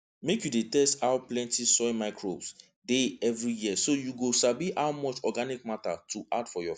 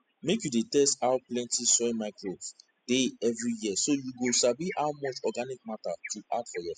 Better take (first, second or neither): first